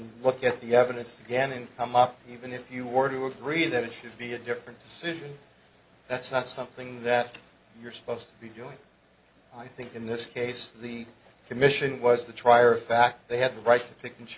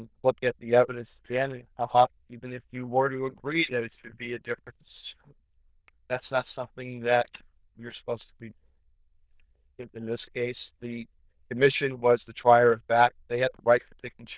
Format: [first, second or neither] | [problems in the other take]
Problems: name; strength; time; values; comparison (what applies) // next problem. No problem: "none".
first | noise reduction (neural diffusion model UNIVERSE++)